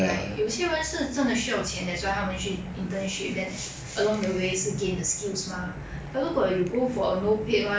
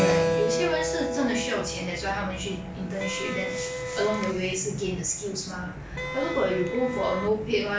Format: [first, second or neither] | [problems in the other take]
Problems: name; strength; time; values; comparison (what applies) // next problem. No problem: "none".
first | background sound (Wind instrument, woodwind instrument + Keyboard (musical)); 3 dB below the speech